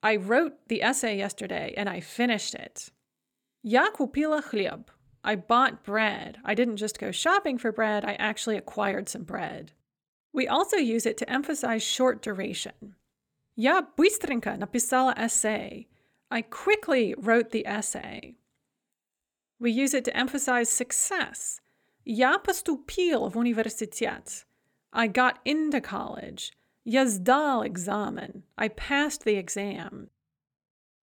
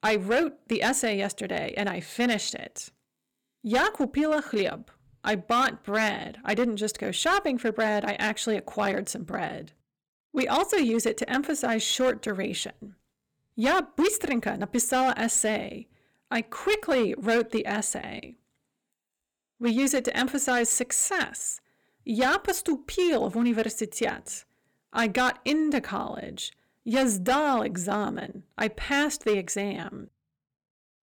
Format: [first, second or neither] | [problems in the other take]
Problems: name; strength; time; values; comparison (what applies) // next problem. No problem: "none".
first | distortion; slight; 5% of the sound clipped